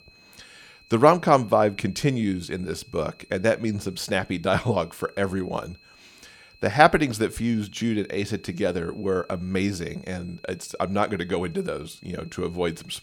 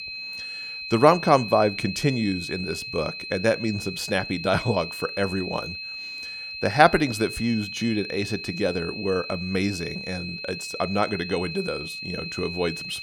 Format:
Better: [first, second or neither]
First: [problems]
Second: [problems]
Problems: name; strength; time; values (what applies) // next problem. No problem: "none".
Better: first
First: high-pitched whine; faint; throughout; 2.5 kHz, 30 dB below the speech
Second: high-pitched whine; loud; throughout; 2.5 kHz, 8 dB below the speech